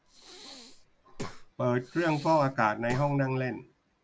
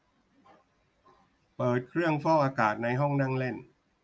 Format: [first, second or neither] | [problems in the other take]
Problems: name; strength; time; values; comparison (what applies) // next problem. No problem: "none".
second | background sound (Breathing); 14 dB below the speech